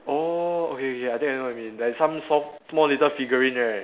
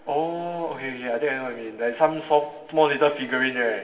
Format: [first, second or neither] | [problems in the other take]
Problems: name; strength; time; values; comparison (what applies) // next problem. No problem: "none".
first | room echo; dies away in 1.9 s